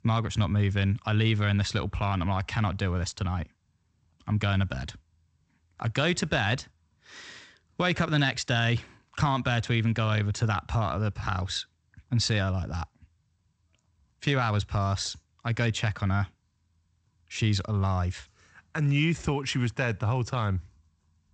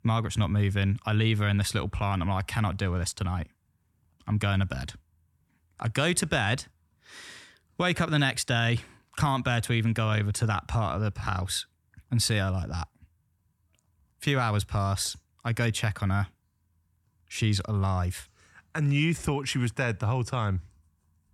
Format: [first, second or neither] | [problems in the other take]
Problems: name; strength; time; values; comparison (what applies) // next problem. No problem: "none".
second | garbled, watery; slightly; nothing above 8 kHz